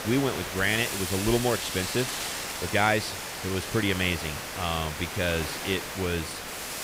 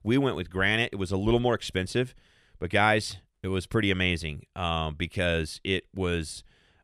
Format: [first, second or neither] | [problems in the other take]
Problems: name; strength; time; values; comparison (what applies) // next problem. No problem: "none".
second | hiss; loud; throughout; 4 dB below the speech